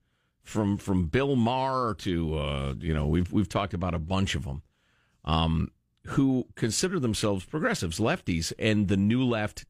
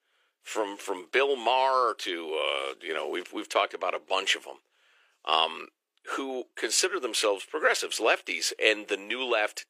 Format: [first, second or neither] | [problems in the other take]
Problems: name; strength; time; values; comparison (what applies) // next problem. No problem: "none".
first | thin; very; fading below 400 Hz